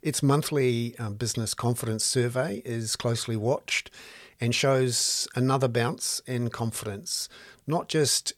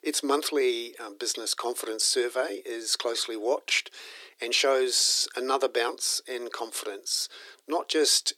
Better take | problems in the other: first | thin; somewhat; fading below 300 Hz

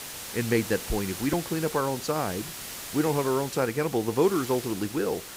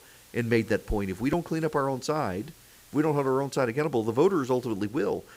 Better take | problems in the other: second | hiss; loud; throughout; 9 dB below the speech; faint in the second

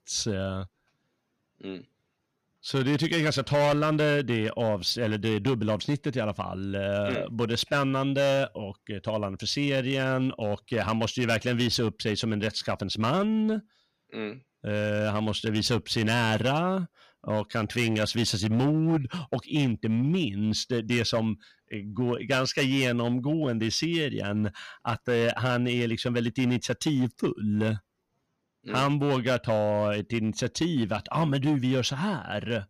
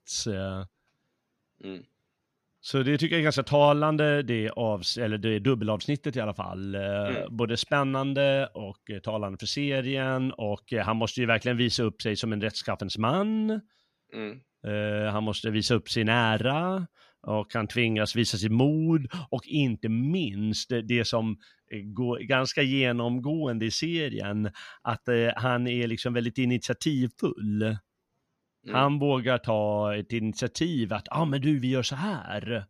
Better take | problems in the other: second | distortion; slight; 6% of the sound clipped

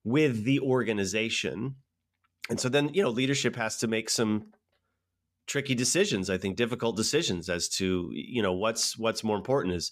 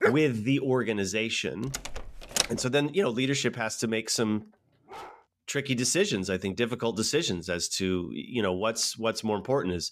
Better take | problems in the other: first | dog barking; loud; at the start; peak level with the speech // door banging; loud; at 1.5 s; peak level with the speech // dog barking; faint; at 5 s; peak 15 dB below the speech

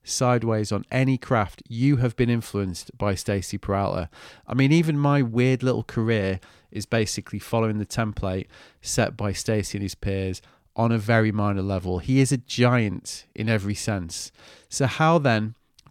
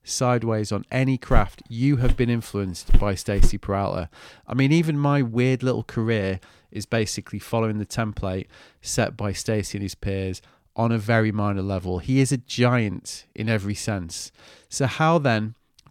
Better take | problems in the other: first | footsteps; noticeable; from 1.5 to 3.5 s; peak 2 dB below the speech

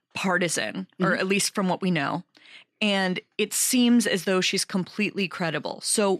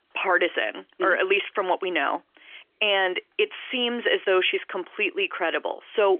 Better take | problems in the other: first | phone-call audio; nothing above 3.5 kHz

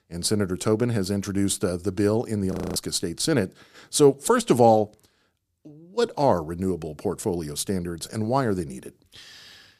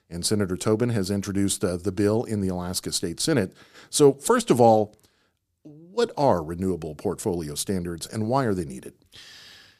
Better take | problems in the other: second | audio freezing; at 2.5 s

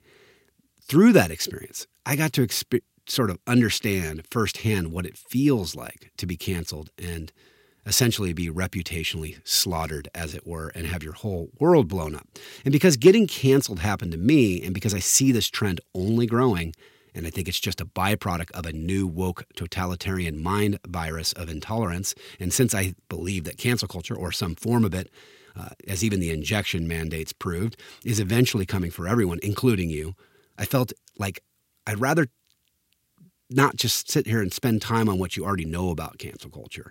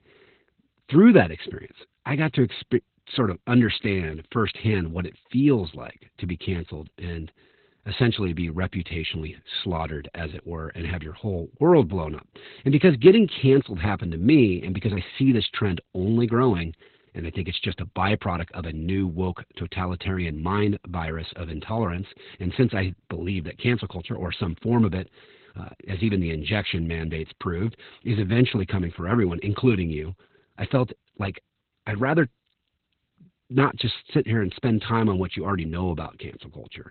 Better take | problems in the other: first | garbled, watery; badly; nothing above 4 kHz

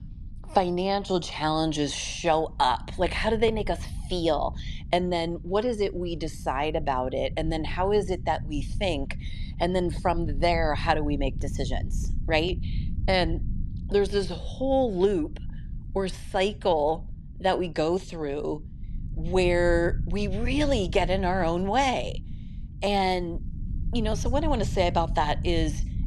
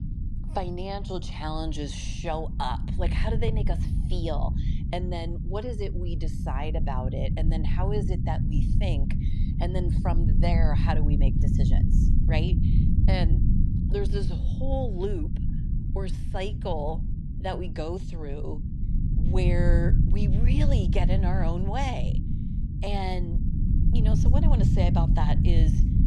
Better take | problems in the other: first | low rumble; loud; throughout; 5 dB below the speech; faint in the first

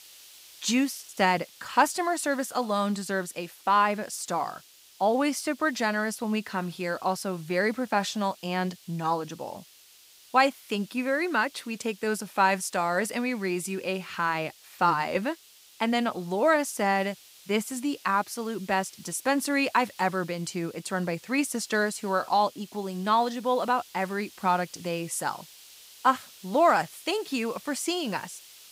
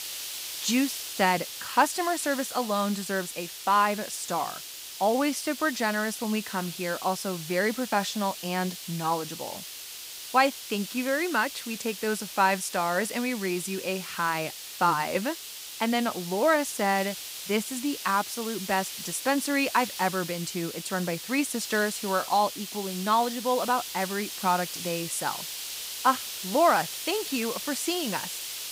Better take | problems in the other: first | hiss; loud; throughout; 8 dB below the speech; faint in the first

